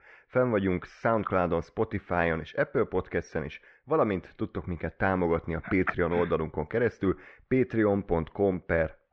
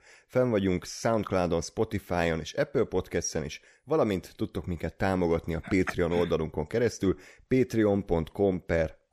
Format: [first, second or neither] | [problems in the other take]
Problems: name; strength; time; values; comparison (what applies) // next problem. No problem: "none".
second | muffled; very; fading above 2.5 kHz